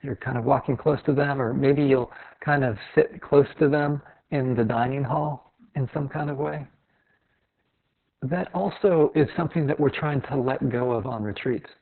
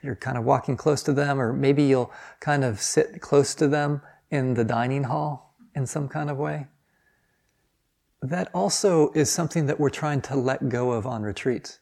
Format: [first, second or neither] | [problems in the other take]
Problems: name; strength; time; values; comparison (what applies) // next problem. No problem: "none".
second | garbled, watery; badly; nothing above 4 kHz